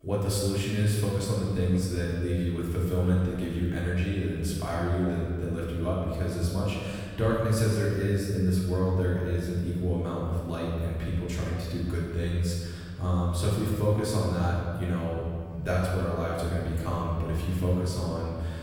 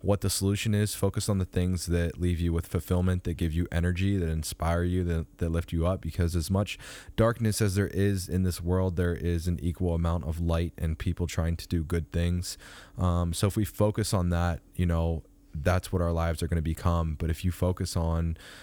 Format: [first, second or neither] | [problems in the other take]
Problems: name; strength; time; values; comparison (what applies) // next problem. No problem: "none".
second | room echo; strong; dies away in 1.9 s // off-mic speech; far